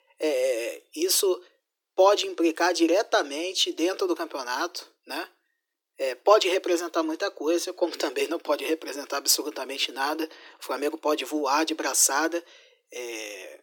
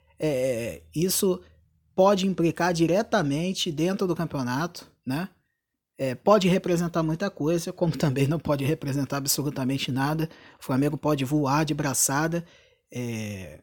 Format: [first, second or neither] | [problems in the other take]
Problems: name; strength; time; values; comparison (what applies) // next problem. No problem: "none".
second | thin; very; fading below 300 Hz